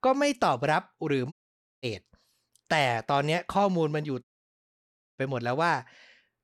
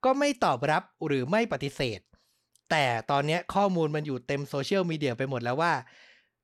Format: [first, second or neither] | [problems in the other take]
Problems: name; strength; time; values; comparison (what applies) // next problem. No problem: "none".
second | audio cutting out; at 1.5 s for 0.5 s and at 4 s for 1 s